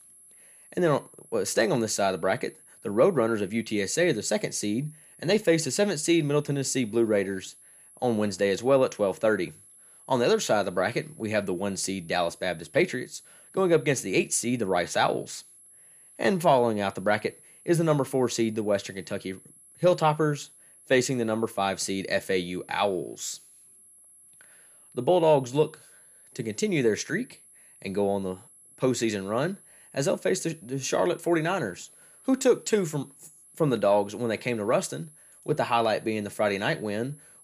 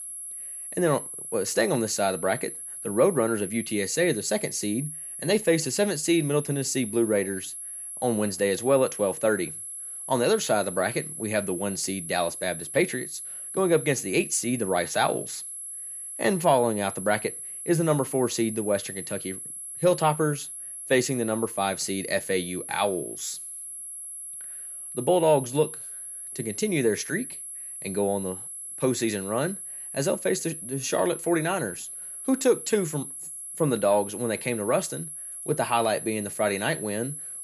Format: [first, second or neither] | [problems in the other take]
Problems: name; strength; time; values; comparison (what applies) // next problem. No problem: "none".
first | high-pitched whine; loud; throughout; 11 kHz, 8 dB below the speech; faint in the first